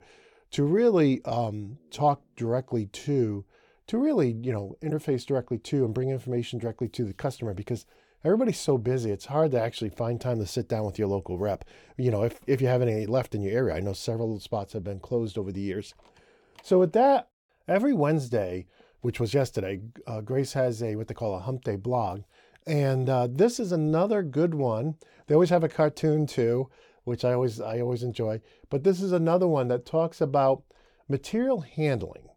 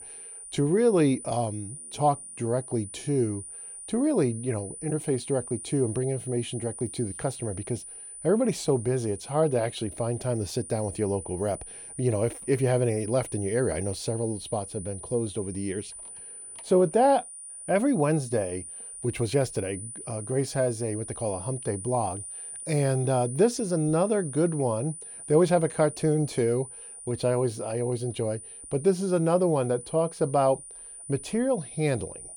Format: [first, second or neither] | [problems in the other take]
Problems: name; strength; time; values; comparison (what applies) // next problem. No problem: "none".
first | high-pitched whine; noticeable; throughout; 9.5 kHz, 10 dB below the speech